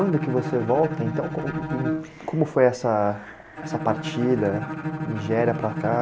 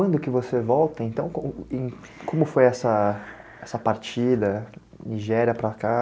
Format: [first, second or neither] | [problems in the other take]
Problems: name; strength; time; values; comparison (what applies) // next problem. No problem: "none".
second | background sound (Bowed string instrument); 6 dB below the speech